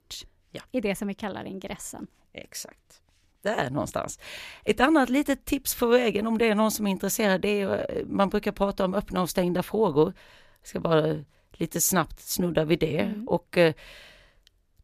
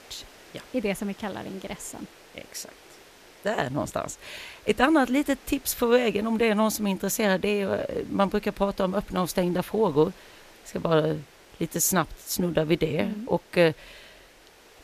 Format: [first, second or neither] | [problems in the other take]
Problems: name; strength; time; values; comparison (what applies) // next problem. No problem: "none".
first | hiss; faint; throughout; 25 dB below the speech